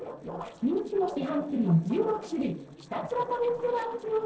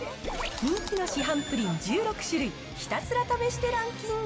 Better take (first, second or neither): second